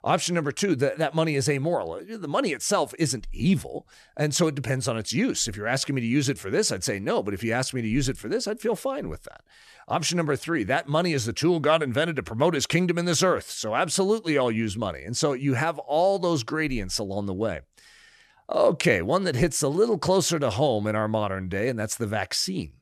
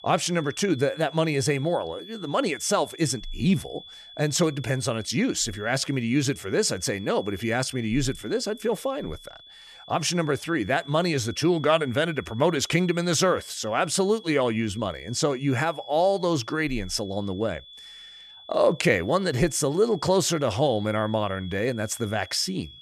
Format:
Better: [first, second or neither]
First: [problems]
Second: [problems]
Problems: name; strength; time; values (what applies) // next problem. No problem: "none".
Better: first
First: none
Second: high-pitched whine; noticeable; throughout; 3.5 kHz, 20 dB below the speech